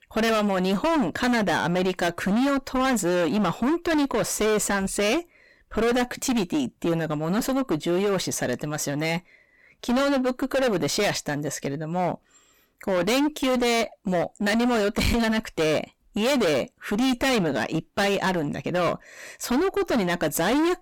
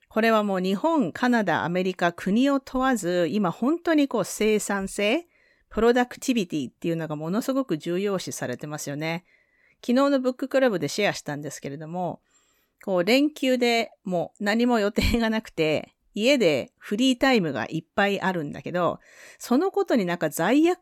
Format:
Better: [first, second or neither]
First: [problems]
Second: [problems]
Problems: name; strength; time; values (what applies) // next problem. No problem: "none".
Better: second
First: distortion; heavy; 26% of the sound clipped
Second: none